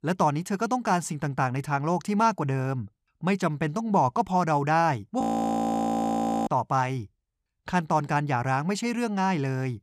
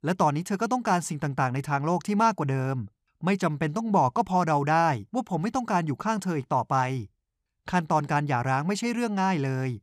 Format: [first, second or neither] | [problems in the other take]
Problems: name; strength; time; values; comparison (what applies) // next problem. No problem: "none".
second | audio freezing; at 5 s for 1.5 s